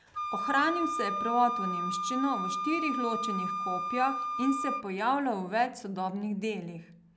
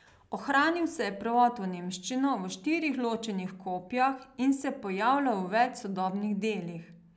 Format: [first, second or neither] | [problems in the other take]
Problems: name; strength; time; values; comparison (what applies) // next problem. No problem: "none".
second | background sound (Wind instrument, woodwind instrument); 3 dB below the speech